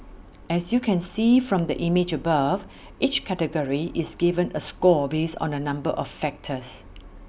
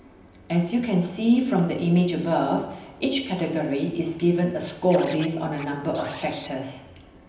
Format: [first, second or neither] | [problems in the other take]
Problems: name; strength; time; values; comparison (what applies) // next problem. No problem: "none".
first | background sound (Scratching (performance technique)); 19 dB below the speech // room echo; dies away in 0.9 s